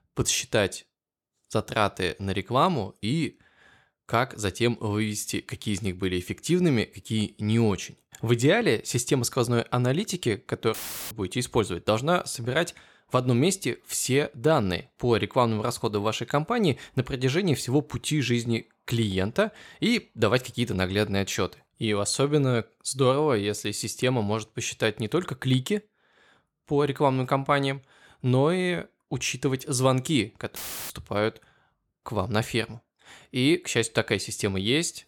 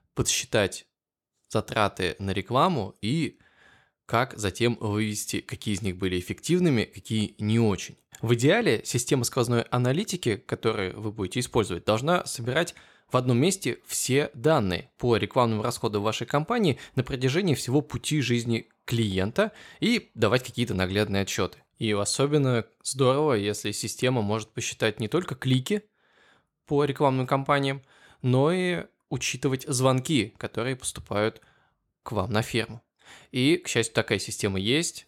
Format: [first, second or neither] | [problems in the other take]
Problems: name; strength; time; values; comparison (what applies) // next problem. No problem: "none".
second | audio cutting out; filled with static; at 11 s and at 31 s